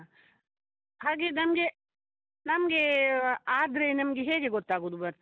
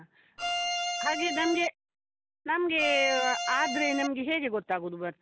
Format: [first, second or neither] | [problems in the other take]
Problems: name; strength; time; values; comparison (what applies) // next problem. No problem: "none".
first | background sound (Bowed string instrument); 1 dB below the speech